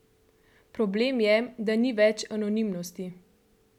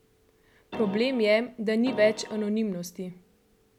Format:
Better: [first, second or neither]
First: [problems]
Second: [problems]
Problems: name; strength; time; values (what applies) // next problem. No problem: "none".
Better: first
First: none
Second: background sound (Keyboard (musical)); 11 dB below the speech